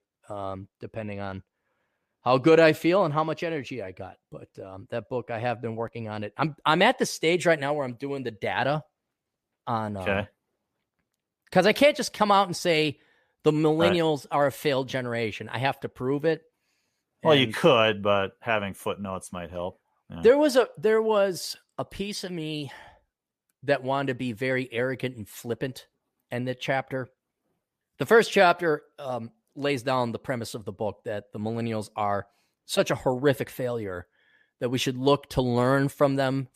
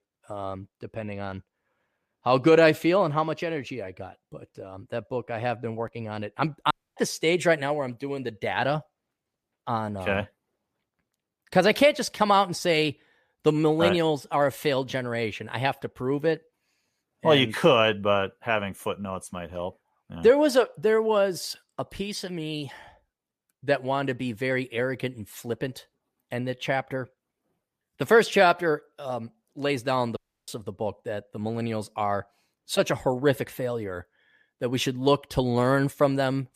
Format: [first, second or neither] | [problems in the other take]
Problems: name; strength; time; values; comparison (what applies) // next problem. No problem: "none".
first | audio cutting out; at 6.5 s and at 30 s